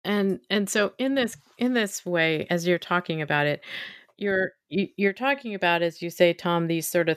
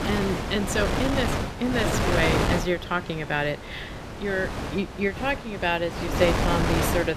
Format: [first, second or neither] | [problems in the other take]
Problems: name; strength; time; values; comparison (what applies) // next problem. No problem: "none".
first | wind noise on the microphone; heavy; 1 dB below the speech